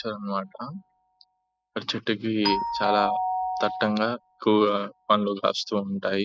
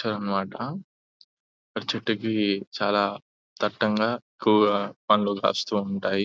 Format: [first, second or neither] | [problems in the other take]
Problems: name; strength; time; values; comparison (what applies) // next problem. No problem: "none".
second | noise reduction (classical method spectral subtraction)